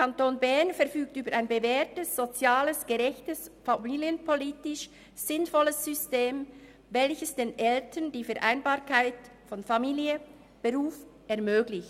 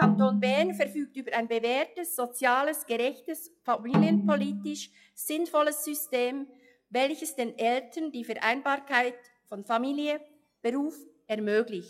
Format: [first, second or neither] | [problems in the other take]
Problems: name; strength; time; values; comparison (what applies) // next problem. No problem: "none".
first | noise reduction (classical method log-MMSE)